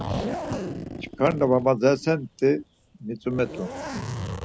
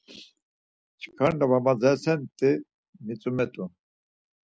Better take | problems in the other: second | background sound (Zipper (clothing)); 8 dB below the speech

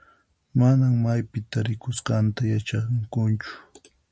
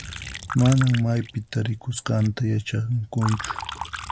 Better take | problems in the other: first | background sound (Liquid); 12 dB below the speech

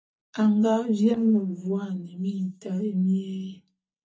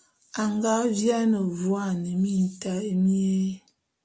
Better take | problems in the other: second | noise reduction (neural mask model DeepFilterNet 3)

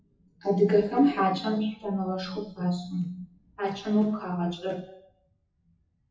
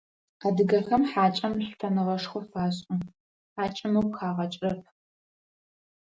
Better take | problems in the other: second | noise reduction (classical method WPE with log-MMSE)

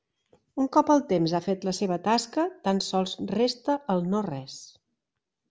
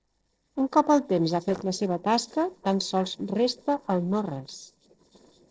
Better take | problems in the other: first | noise reduction (neural separator model SepFormer DNS4)

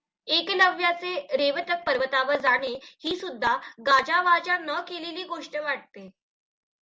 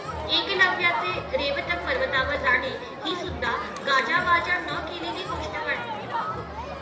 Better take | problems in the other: first | background sound (Crowd); 6 dB below the speech // room echo; dies away in 0.8 s

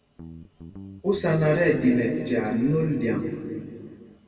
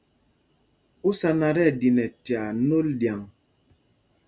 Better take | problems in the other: second | background sound (Guitar); 16 dB below the speech // room echo; dies away in 2.4 s

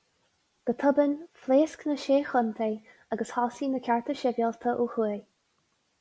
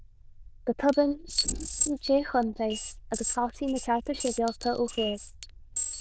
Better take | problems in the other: first | noise reduction (neural diffusion model UNIVERSE++)

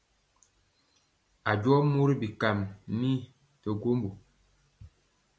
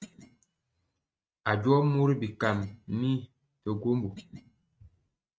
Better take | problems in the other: first | noise reduction (neural mask model RNNoise)

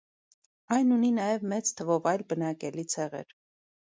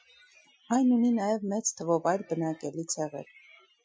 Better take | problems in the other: first | noise reduction (classical method Wiener filter)

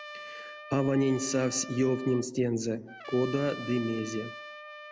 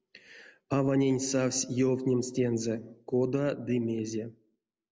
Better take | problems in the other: second | background sound (Trumpet); 14 dB below the speech

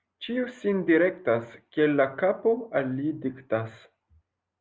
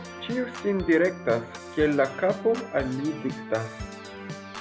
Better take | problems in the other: first | background sound (Organ); 11 dB below the speech

